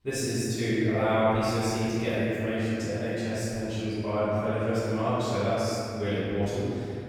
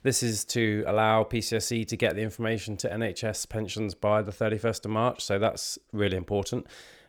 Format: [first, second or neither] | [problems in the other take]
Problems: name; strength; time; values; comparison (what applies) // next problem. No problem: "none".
second | off-mic speech; far // room echo; strong; dies away in 2.9 s